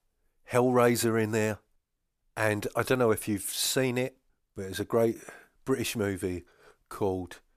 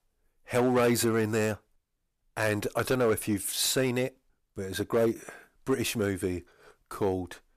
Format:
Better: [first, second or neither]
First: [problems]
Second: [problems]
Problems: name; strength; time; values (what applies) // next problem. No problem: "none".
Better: first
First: none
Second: distortion; slight; 3% of the sound clipped